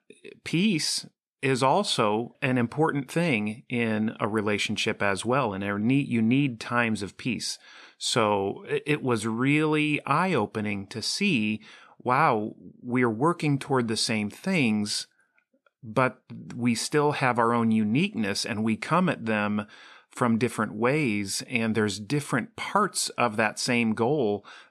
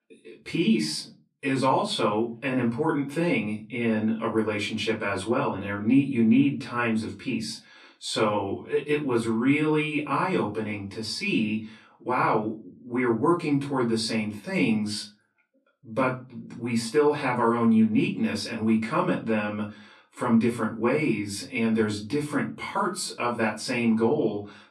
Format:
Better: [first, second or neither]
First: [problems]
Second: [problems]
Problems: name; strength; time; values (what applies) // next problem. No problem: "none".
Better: first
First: none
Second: off-mic speech; far // room echo; very slight; dies away in 0.3 s